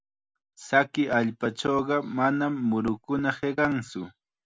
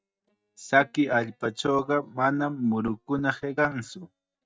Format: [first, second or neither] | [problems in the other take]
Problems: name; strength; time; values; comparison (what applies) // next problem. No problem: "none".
first | noise reduction (neural mask model DeepFilterNet 3)